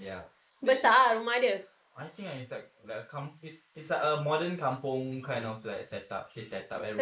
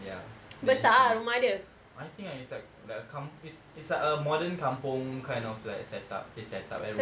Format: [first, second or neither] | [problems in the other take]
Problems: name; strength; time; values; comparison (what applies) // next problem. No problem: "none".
second | noise reduction (neural mask model Resemble Enhance denoiser)